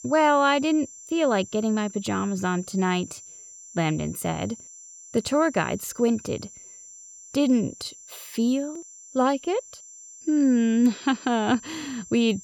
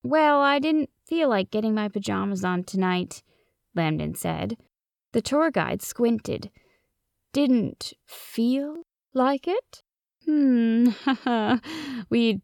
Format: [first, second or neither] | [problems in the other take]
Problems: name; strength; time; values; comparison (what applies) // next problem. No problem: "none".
second | high-pitched whine; noticeable; throughout; 7.5 kHz, 20 dB below the speech